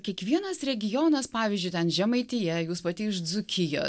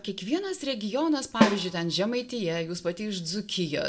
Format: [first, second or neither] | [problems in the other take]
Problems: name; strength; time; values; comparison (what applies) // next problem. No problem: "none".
first | background sound (Snare drum); as loud as the speech // room echo; dies away in 0.3 s